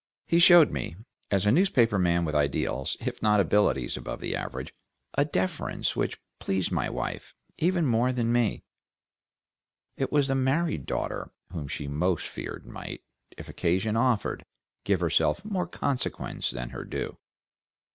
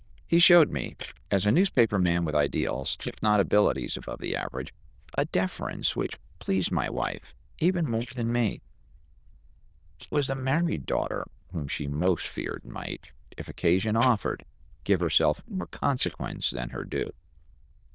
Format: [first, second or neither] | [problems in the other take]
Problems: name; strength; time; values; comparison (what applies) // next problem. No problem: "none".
first | noise reduction (neural diffusion model UNIVERSE++)